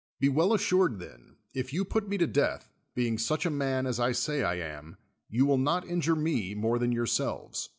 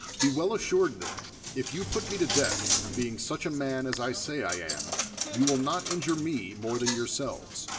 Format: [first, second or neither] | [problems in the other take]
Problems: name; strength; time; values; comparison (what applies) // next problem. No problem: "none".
first | background sound (Coin (dropping)); 4 dB below the speech // room echo; dies away in 0.6 s